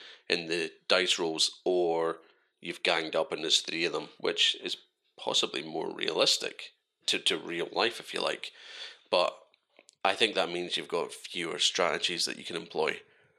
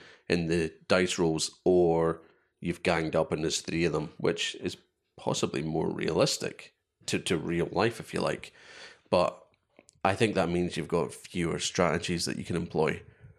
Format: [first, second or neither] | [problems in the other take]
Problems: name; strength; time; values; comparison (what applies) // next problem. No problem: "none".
second | thin; somewhat; fading below 400 Hz